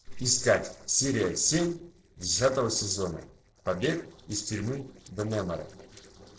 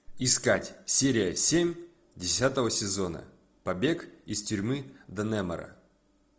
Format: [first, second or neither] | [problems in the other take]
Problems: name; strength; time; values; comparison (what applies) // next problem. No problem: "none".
second | noise reduction (neural separator model SepFormer DNS4)